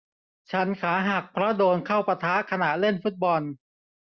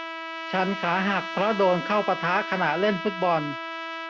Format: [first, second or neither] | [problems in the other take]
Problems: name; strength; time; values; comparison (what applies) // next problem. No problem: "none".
first | background sound (Trumpet); 8 dB below the speech